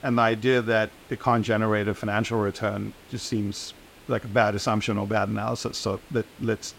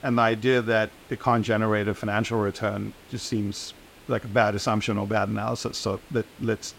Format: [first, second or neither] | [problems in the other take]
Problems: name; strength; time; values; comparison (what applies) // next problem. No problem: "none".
neither | hiss; faint; throughout; 25 dB below the speech; the same in both